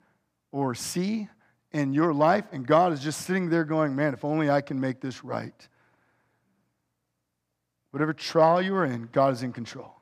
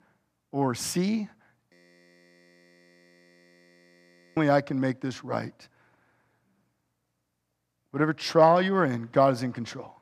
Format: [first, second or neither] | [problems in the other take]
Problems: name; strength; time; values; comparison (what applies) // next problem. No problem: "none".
first | audio freezing; at 1.5 s for 2.5 s